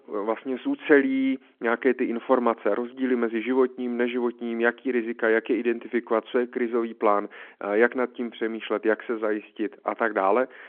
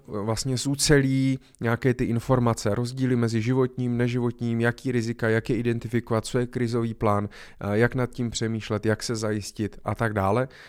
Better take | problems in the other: second | phone-call audio

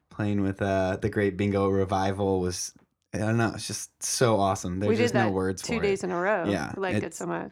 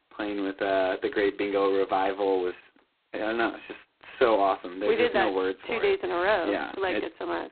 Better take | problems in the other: first | phone-call audio; poor line; nothing above 4 kHz

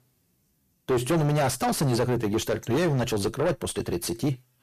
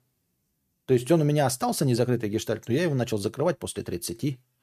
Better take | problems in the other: second | distortion; heavy; 5 dB below the speech

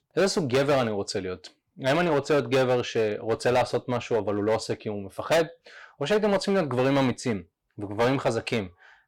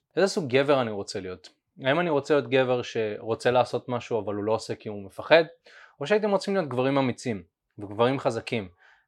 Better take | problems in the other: second | distortion; heavy; 8% of the sound clipped

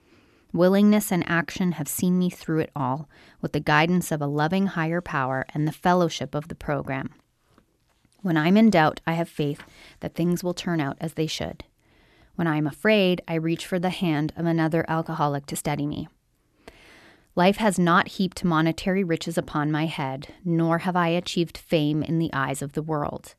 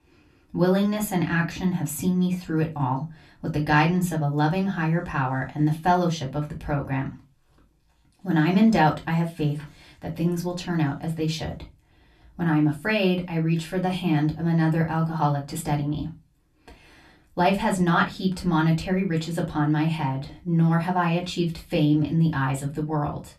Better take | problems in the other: first | off-mic speech; far // room echo; very slight; dies away in 0.2 s

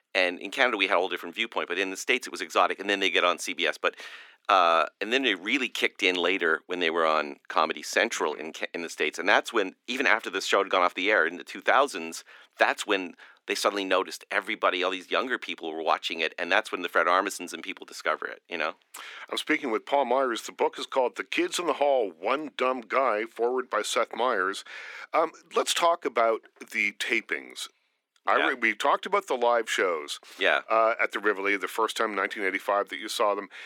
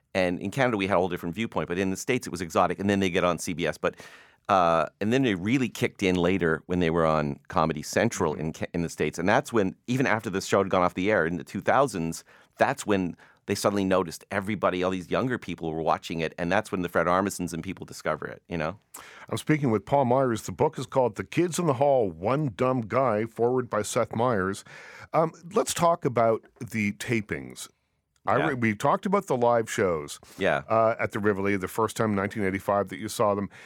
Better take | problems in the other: second | thin; somewhat; fading below 300 Hz

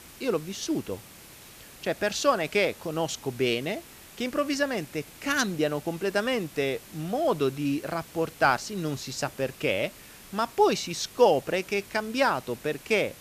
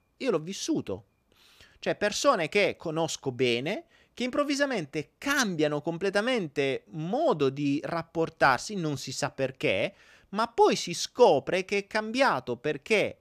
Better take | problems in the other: second | hiss; noticeable; throughout; 20 dB below the speech

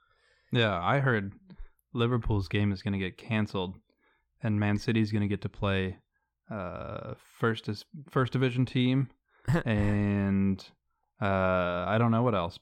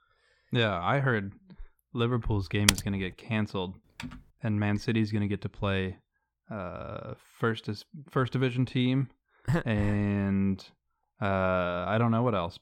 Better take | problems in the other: first | keyboard typing; loud; at 2.5 s; peak 4 dB above the speech // keyboard typing; faint; at 4 s; peak 15 dB below the speech

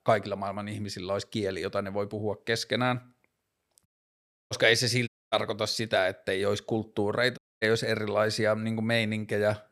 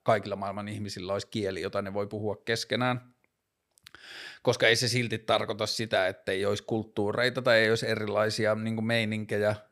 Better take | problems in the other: second | audio cutting out; at 4 s for 0.5 s, at 5 s and at 7.5 s

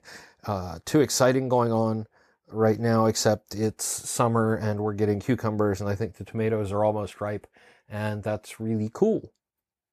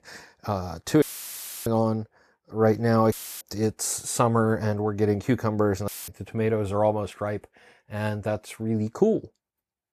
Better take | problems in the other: first | audio cutting out; filled with static; at 1 s for 0.5 s, at 3 s and at 6 s

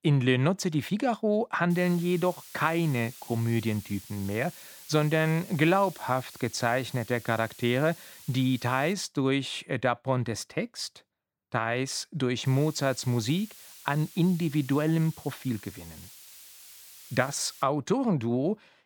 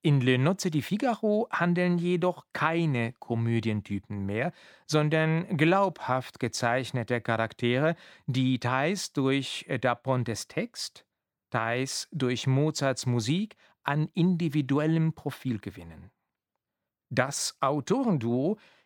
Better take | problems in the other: second | hiss; noticeable; from 1.5 to 9 s and from 12 to 18 s; 20 dB below the speech

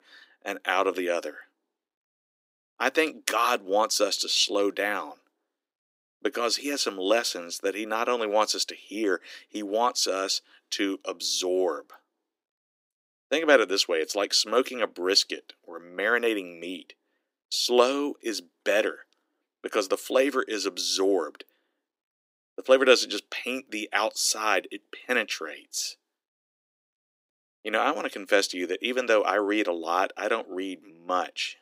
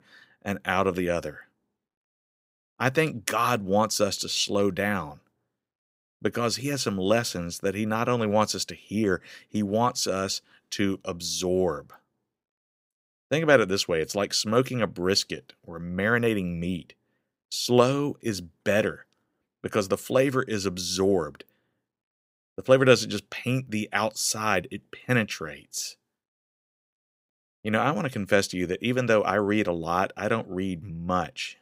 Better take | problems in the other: second | thin; somewhat; fading below 300 Hz

